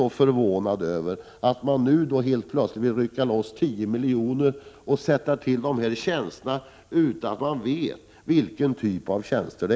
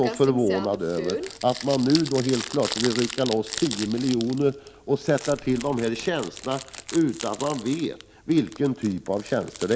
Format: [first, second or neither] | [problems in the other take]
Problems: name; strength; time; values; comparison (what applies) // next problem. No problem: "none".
first | background sound (Crumpling, crinkling); 11 dB below the speech